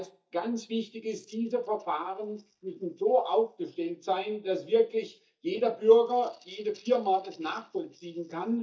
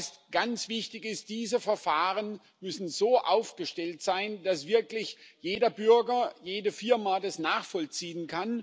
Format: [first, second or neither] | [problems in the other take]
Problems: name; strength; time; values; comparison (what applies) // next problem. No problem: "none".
second | noise reduction (neural mask model DeepFilterNet 3)